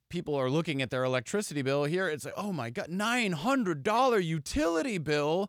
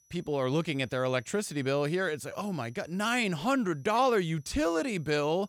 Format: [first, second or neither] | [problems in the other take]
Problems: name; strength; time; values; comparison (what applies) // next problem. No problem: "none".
first | high-pitched whine; faint; throughout; 6 kHz, 35 dB below the speech